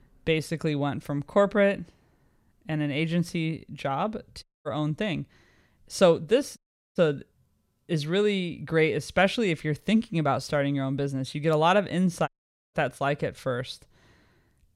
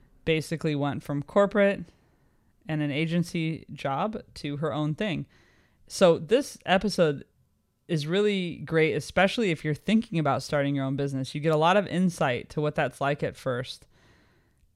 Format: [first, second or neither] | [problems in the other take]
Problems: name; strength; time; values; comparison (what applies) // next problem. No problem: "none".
second | audio cutting out; at 4.5 s, at 6.5 s and at 12 s